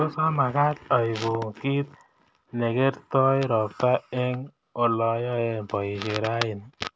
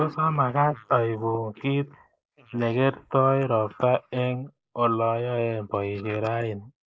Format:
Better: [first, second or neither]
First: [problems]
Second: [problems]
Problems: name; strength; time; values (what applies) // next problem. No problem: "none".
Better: first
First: none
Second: noise reduction (neural mask model Resemble Enhance denoiser)